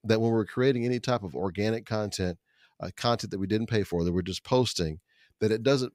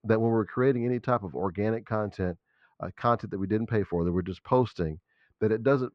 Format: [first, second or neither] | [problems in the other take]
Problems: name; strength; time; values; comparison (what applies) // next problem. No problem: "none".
first | muffled; very; fading above 1.5 kHz